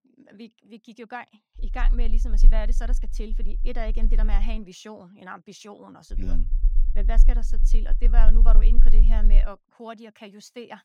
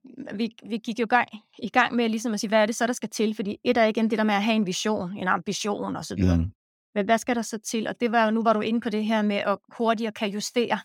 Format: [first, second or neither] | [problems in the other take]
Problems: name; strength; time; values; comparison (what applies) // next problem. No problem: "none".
second | low rumble; noticeable; from 1.5 to 4.5 s and from 6 to 9.5 s; 15 dB below the speech